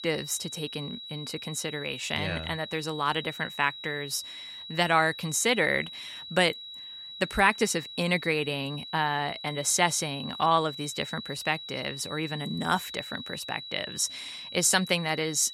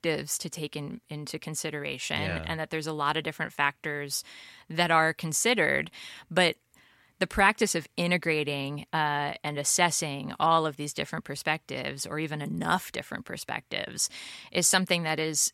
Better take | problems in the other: second | high-pitched whine; noticeable; throughout; 4 kHz, 10 dB below the speech

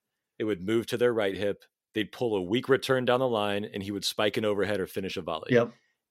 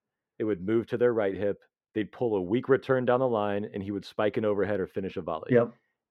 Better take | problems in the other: first | muffled; very; fading above 3 kHz

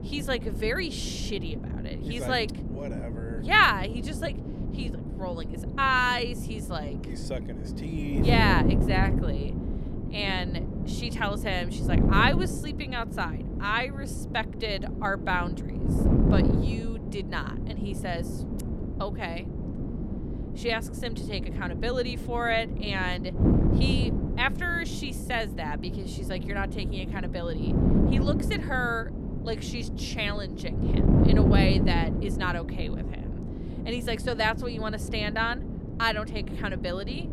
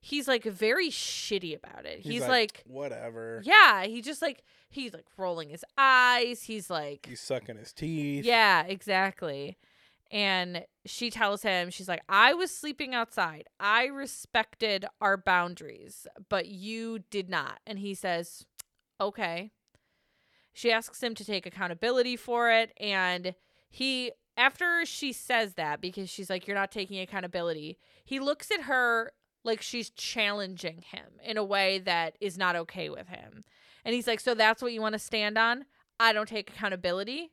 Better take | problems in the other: second | wind noise on the microphone; heavy; 9 dB below the speech

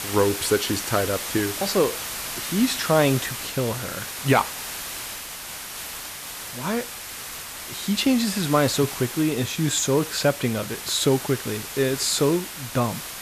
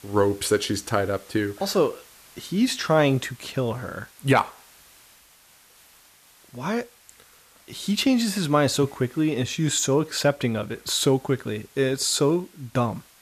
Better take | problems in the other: second | hiss; loud; throughout; 7 dB below the speech; faint in the second

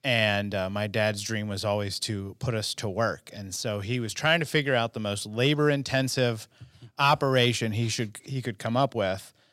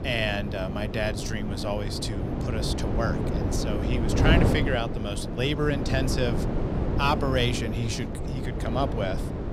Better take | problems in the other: first | wind noise on the microphone; heavy; 5 dB below the speech

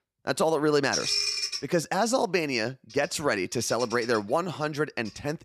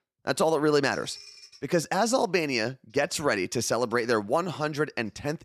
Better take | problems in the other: second | animal sounds; loud; throughout; 2 dB below the speech; faint in the second

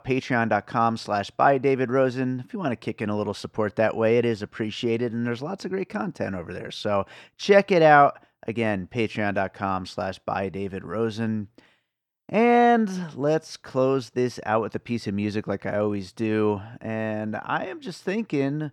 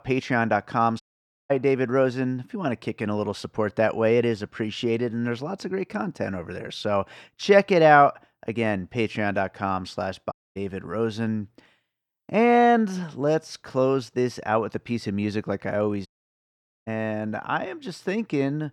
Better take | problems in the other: first | audio cutting out; at 1 s, at 10 s and at 16 s for 1 s

